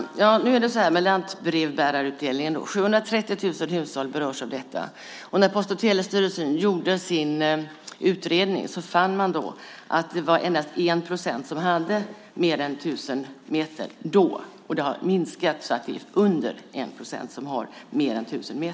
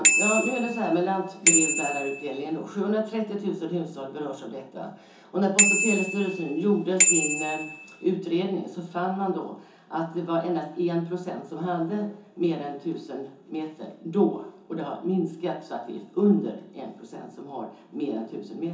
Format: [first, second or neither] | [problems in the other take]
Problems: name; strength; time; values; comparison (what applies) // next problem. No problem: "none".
first | background sound (Bicycle bell); 3 dB above the speech // room echo; dies away in 0.6 s